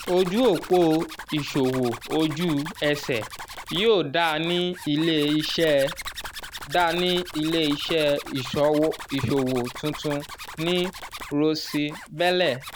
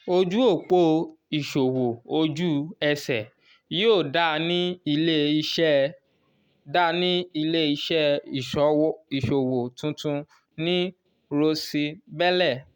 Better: second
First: background sound (Zipper (clothing)); 14 dB below the speech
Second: none

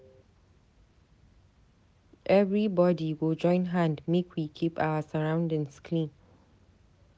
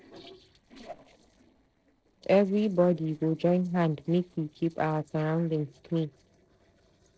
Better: first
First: none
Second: noise reduction (neural separator model SepFormer DNS4)

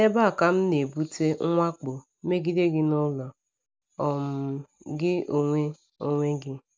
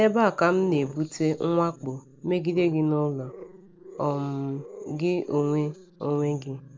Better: first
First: none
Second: background sound (Growling); 19 dB below the speech

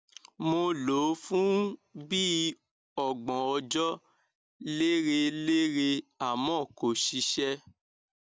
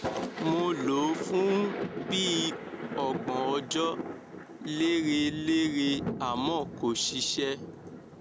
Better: first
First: none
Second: background sound (Thunder); 7 dB below the speech

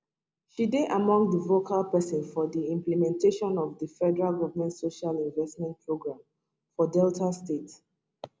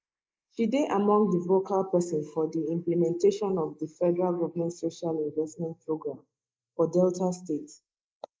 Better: first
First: none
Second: noise reduction (neural mask model Resemble Enhance denoiser)

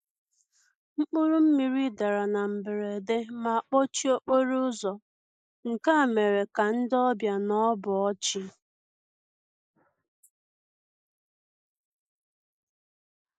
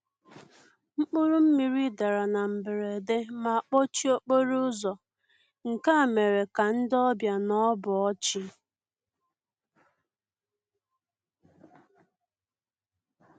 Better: second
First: noise reduction (neural mask model Resemble Enhance denoiser)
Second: none

